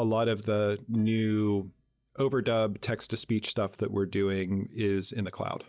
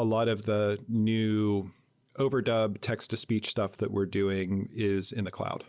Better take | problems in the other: second | noise reduction (neural mask model DeepFilterNet 3)

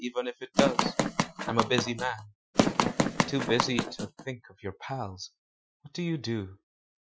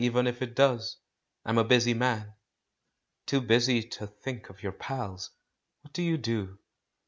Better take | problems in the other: second | noise reduction (classical method Wiener filter)

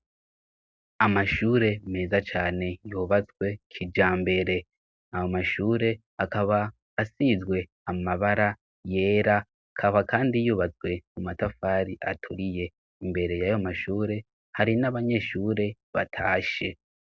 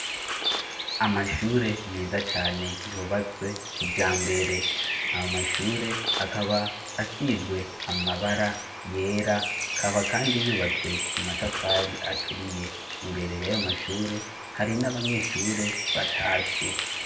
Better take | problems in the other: first | background sound (Bird); 2 dB below the speech // room echo; dies away in 0.5 s

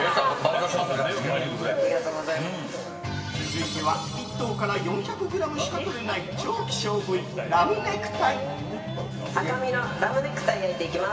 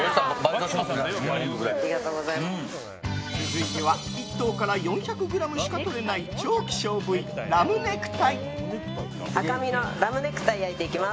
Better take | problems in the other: second | background sound (Brass instrument); 18 dB below the speech // room echo; dies away in 2.5 s

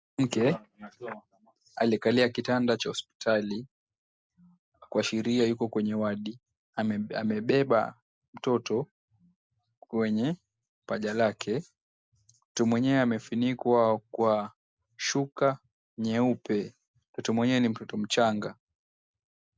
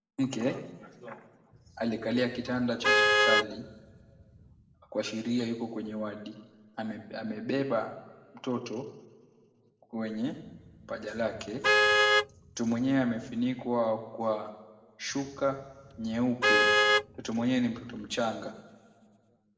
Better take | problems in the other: first | background sound (Vehicle horn, car horn, honking); 3 dB above the speech // room echo; dies away in 1.4 s

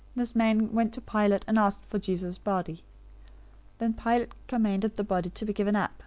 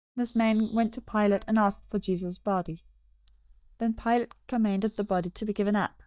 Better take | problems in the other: first | noise reduction (neural mask model DeepFilterNet 3)

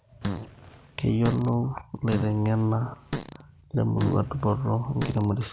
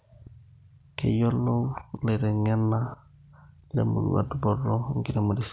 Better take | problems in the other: second | background sound (Fart); 10 dB below the speech

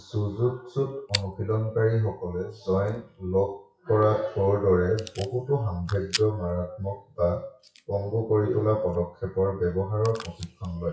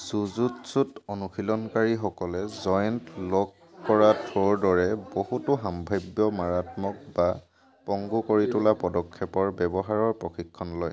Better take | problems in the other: second | noise reduction (classical method WPE with log-MMSE)

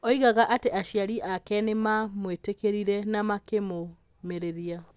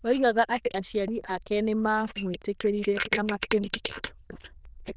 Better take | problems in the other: first | noise reduction (neural diffusion model UNIVERSE++)

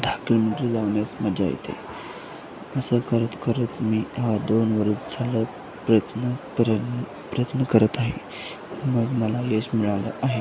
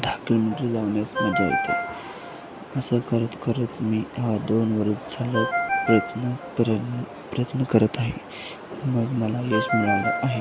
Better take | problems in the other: first | background sound (Ringtone); 6 dB below the speech

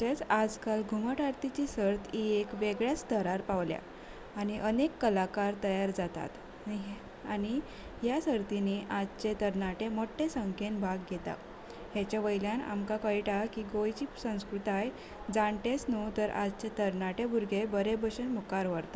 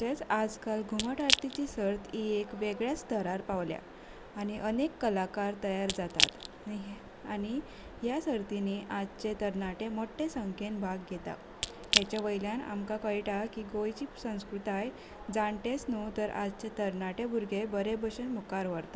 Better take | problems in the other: first | background sound (Crack / Crushing); as loud as the speech

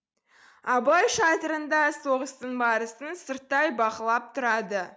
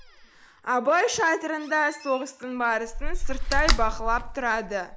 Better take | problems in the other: first | background sound (Slam); 2 dB below the speech

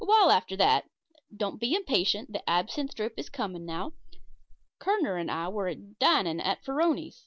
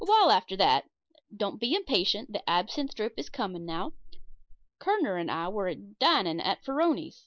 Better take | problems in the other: first | noise reduction (neural mask model Resemble Enhance denoiser)

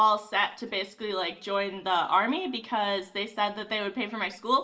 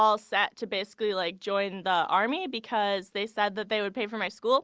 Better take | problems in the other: second | room echo; dies away in 0.5 s

